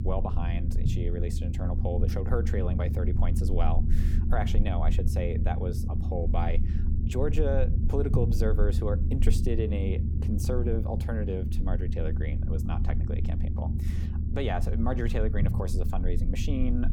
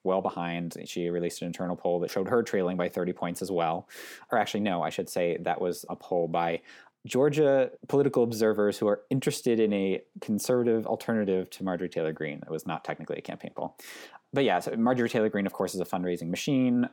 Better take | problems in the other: second | low rumble; loud; throughout; 7 dB below the speech

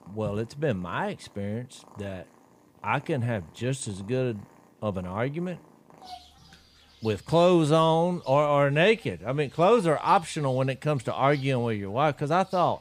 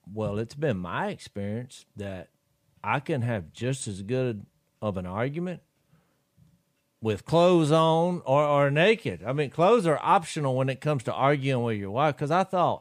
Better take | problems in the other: second | animal sounds; faint; throughout; 25 dB below the speech

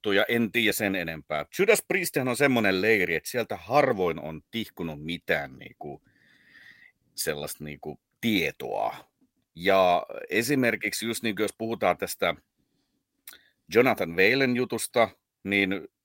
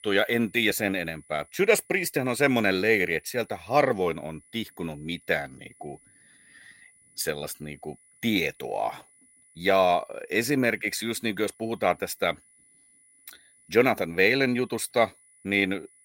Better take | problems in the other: first | high-pitched whine; faint; throughout; 10 kHz, 30 dB below the speech

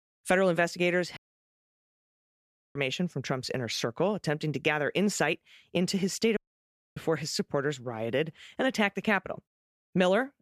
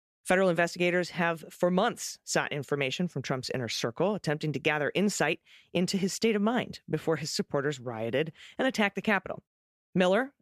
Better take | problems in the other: second | audio cutting out; at 1 s for 1.5 s and at 6.5 s for 0.5 s

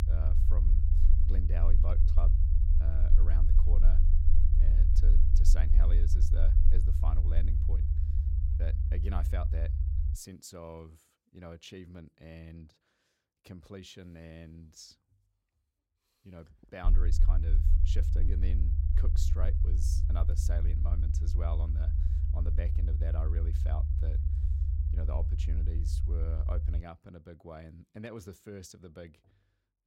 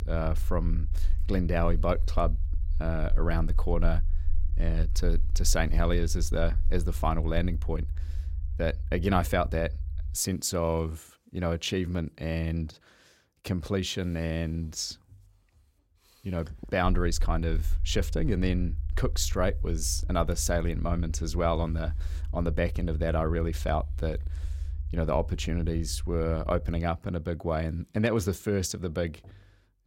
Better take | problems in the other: second | low rumble; loud; until 10 s and from 17 to 27 s; 1 dB below the speech; faint in the second

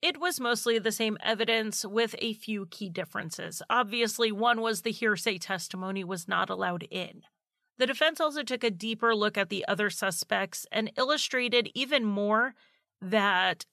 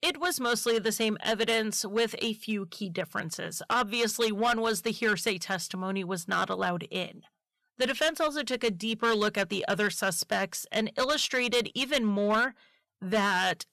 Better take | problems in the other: first | distortion; slight; 6% of the sound clipped

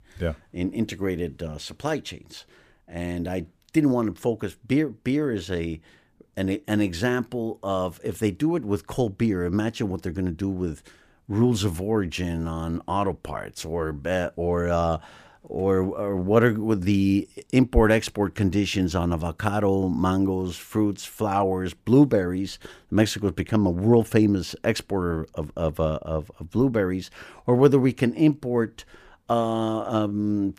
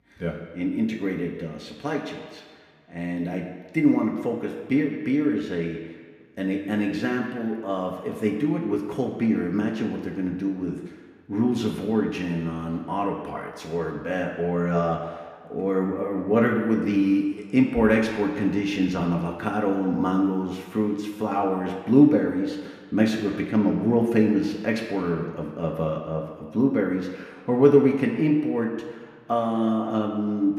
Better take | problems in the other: first | room echo; noticeable; dies away in 1.7 s // off-mic speech; somewhat distant

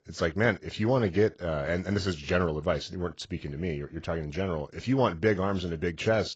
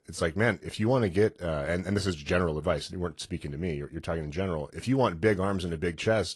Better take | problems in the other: second | garbled, watery; badly; nothing above 7.5 kHz; slightly in the second

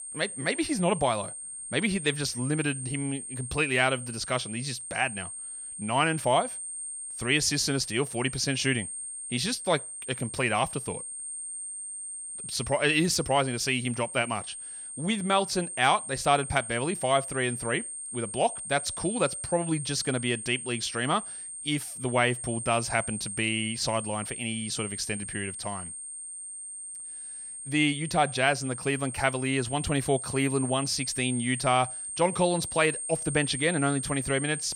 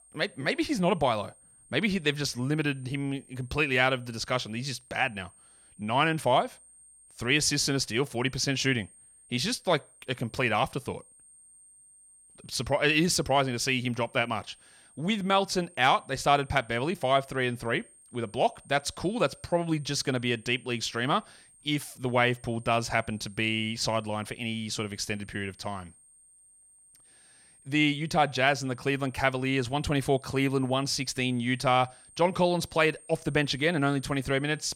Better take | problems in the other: second | high-pitched whine; loud; throughout; 8.5 kHz, 7 dB below the speech; faint in the second

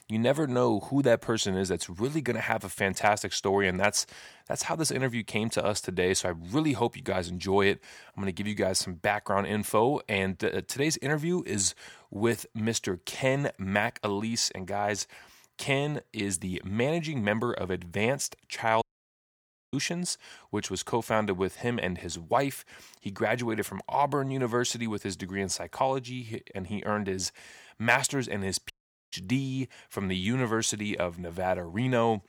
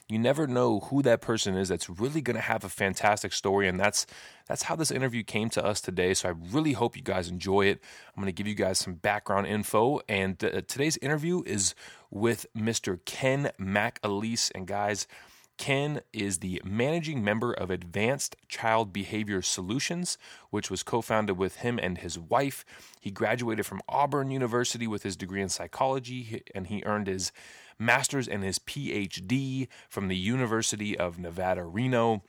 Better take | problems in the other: second | audio cutting out; at 19 s for 1 s and at 29 s

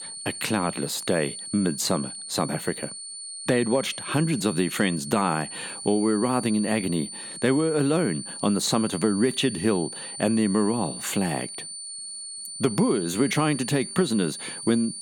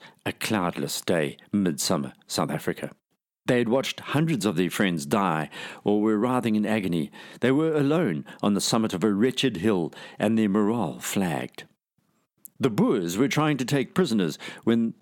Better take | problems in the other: second | high-pitched whine; loud; throughout; 9 kHz, 9 dB below the speech

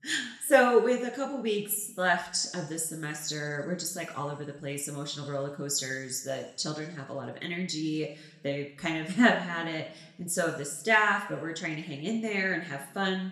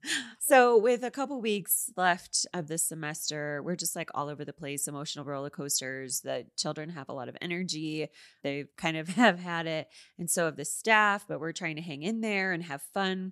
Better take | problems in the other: second | room echo; slight; dies away in 0.7 s

